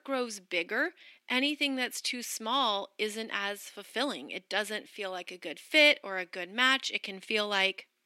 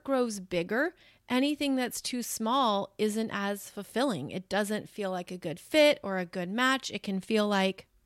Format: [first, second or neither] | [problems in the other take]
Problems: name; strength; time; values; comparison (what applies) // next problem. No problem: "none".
second | thin; very slightly; fading below 250 Hz